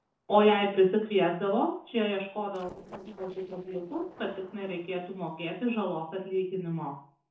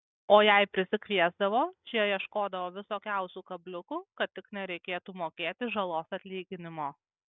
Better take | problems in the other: second | noise reduction (neural separator model SepFormer DNS4)

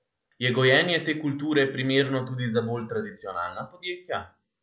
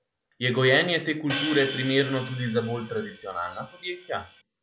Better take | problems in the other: first | background sound (Hi-hat); 11 dB below the speech

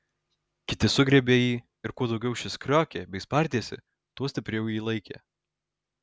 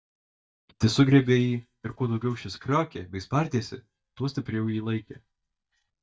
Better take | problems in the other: first | noise reduction (neural mask model DeepFilterNet 3)

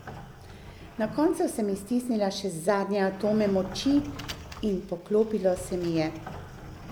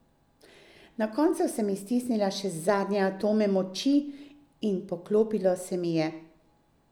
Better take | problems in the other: second | background sound (Sliding door); 14 dB below the speech

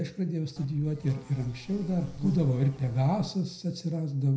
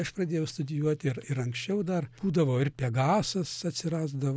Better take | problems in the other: second | background sound (Insect); 14 dB below the speech // room echo; dies away in 0.4 s

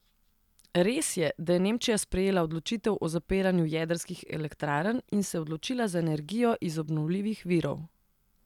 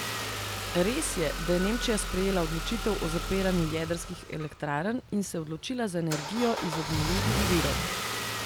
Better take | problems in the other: first | background sound (Engine starting / Car); 3 dB below the speech

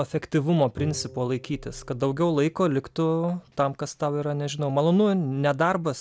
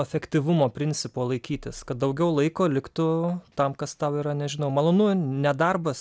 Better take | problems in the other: second | background sound (Bowed string instrument); 19 dB below the speech

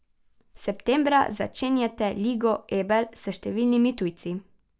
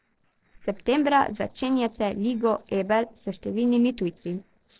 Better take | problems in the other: first | noise reduction (neural separator model SepFormer DNS4)

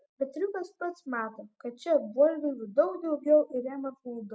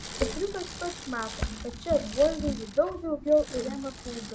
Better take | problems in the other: first | background sound (Bicycle); 8 dB below the speech

